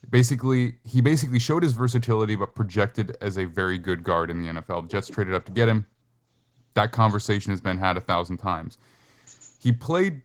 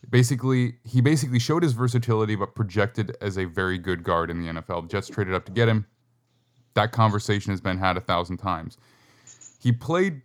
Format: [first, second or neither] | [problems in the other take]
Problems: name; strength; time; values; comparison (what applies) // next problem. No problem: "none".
second | garbled, watery; slightly; nothing above 19 kHz